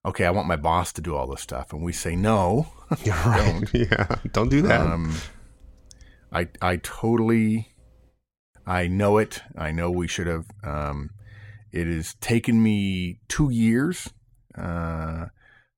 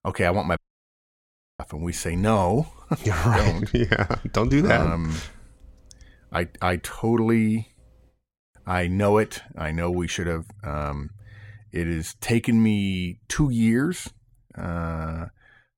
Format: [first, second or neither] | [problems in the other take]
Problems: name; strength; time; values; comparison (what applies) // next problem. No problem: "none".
first | audio cutting out; at 0.5 s for 1 s